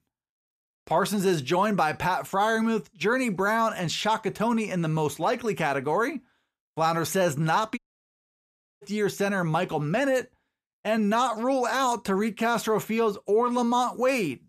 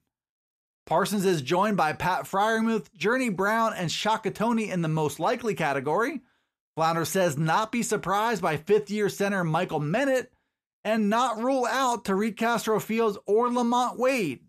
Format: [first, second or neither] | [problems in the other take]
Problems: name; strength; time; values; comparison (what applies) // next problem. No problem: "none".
second | audio cutting out; at 8 s for 1 s